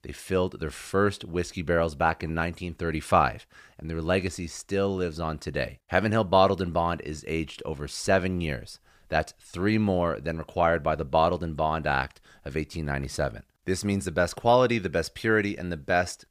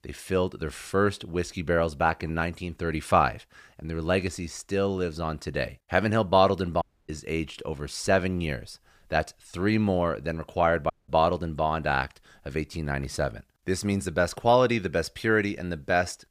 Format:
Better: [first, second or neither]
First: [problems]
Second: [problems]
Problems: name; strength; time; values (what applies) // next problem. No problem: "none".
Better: first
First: none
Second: audio cutting out; at 7 s and at 11 s